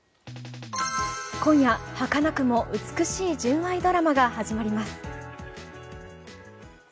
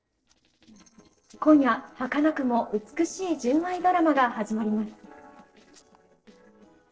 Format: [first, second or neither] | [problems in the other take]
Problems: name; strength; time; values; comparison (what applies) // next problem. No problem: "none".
first | noise reduction (neural separator model SepFormer DNS4)